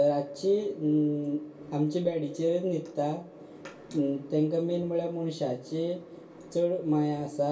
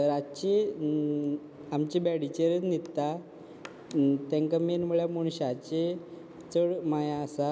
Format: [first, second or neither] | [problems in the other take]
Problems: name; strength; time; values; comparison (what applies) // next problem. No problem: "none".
second | room echo; dies away in 0.2 s